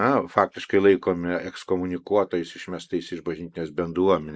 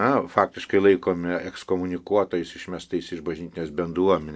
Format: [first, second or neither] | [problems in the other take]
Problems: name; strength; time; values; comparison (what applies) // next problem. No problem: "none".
second | noise reduction (neural mask model Resemble Enhance denoiser)